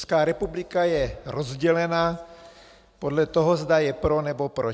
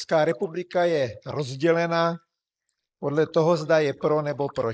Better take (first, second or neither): first